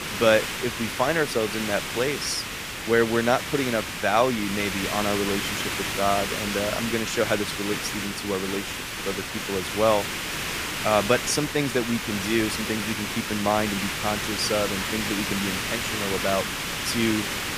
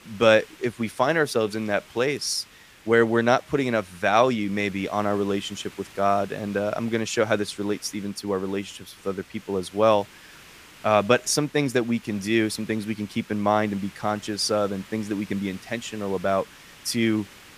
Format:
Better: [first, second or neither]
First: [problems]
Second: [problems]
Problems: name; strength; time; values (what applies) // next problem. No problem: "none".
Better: second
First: hiss; loud; throughout; 2 dB below the speech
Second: hiss; faint; throughout; 20 dB below the speech